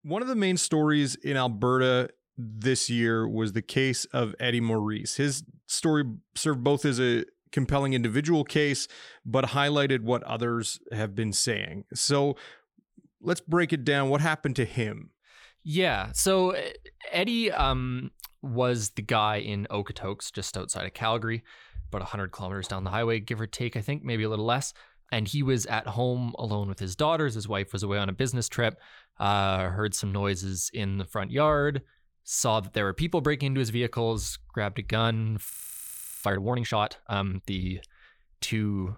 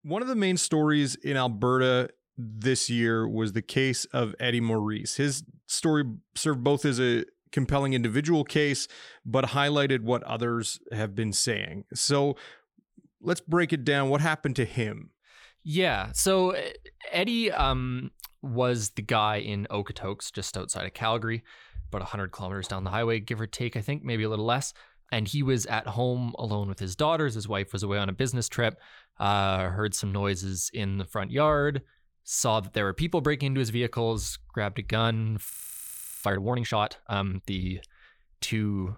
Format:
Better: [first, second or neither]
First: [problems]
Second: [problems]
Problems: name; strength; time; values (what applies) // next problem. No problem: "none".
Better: neither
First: audio freezing; at 36 s for 0.5 s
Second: audio freezing; at 36 s for 0.5 s